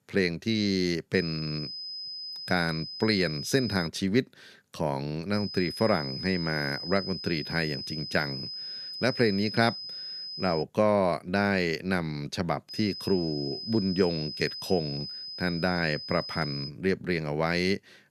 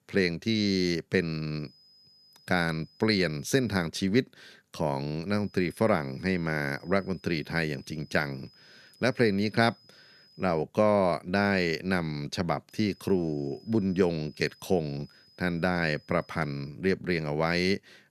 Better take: second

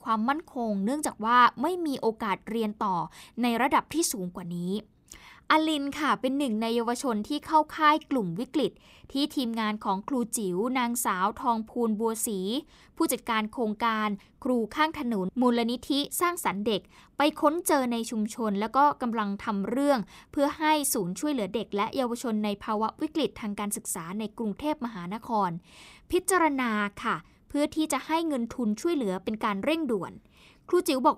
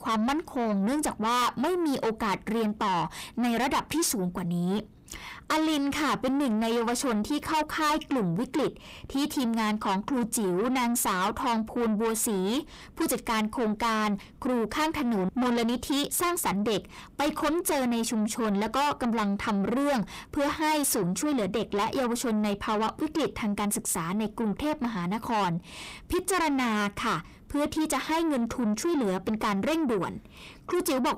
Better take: first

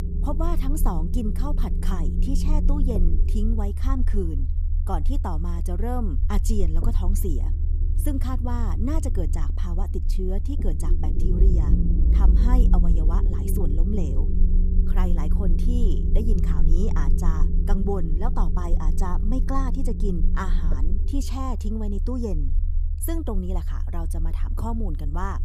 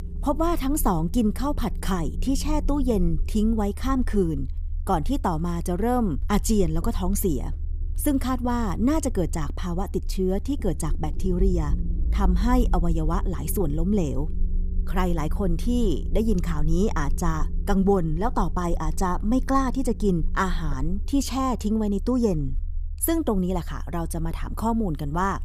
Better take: second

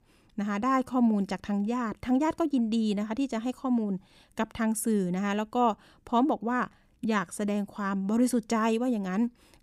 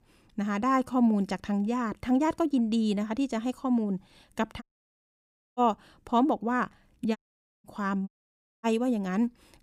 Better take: first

